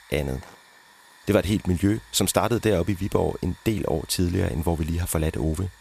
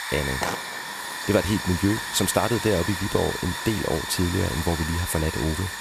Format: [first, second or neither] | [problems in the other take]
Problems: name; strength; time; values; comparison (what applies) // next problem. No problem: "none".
first | hiss; loud; throughout; 4 dB below the speech; faint in the first